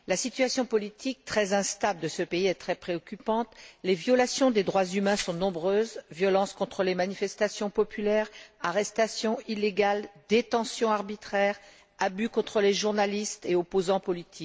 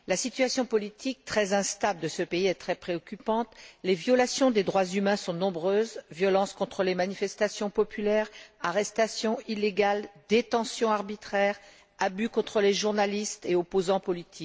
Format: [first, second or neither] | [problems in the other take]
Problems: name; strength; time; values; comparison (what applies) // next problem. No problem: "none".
second | background sound (Glass); 15 dB below the speech